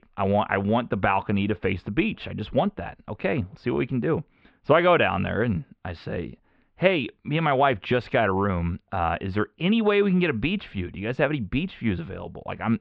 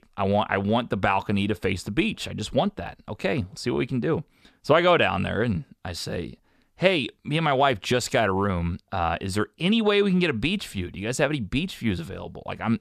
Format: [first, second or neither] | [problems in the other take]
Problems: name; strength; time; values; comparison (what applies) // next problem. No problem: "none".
second | muffled; very; fading above 3 kHz